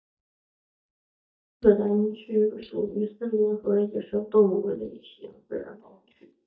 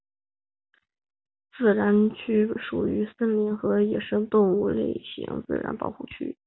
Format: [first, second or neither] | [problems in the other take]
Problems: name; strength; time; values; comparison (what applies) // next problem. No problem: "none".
second | noise reduction (neural mask model DeepFilterNet 3)